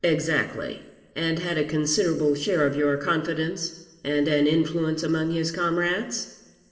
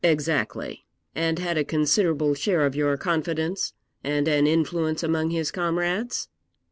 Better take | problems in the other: second | room echo; dies away in 1.6 s

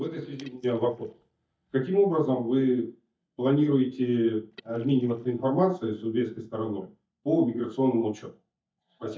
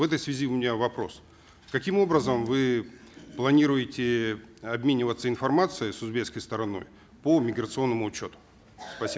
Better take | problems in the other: second | noise reduction (neural mask model DeepFilterNet 3)

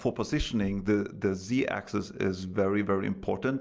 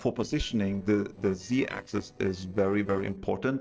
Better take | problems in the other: first | noise reduction (neural separator model SepFormer DNS4)

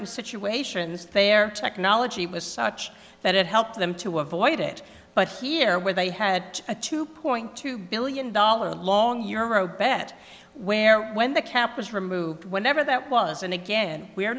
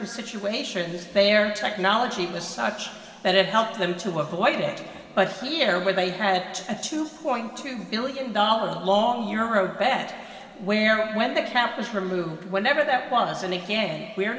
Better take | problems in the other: first | room echo; dies away in 2.2 s

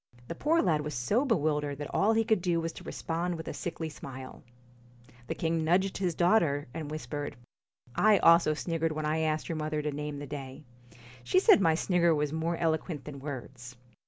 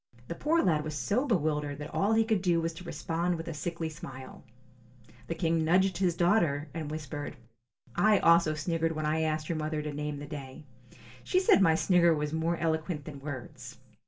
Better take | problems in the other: first | room echo; dies away in 0.2 s

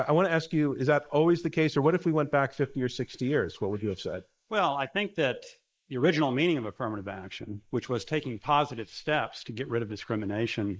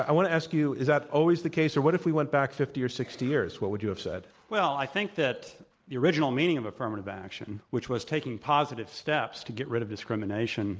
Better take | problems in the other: second | noise reduction (neural mask model Resemble Enhance denoiser)

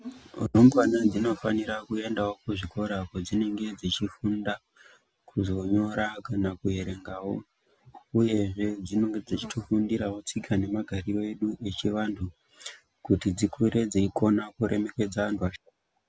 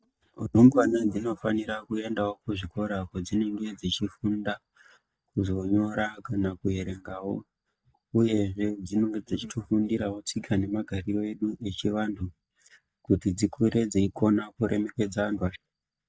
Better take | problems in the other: first | noise reduction (neural mask model DeepFilterNet 3)

